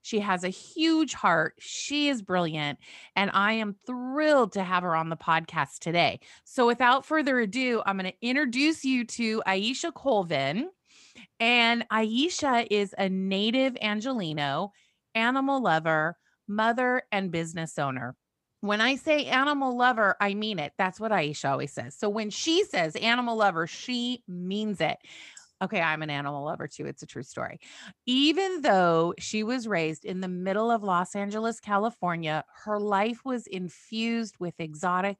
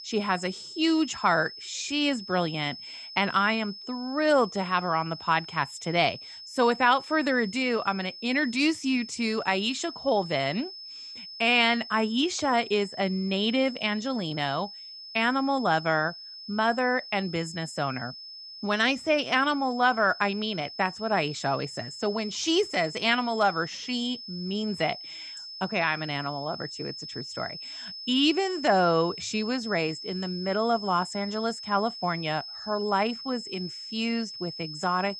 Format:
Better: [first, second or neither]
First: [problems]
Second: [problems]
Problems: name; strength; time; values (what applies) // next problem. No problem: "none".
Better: first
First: none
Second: high-pitched whine; noticeable; throughout; 5 kHz, 10 dB below the speech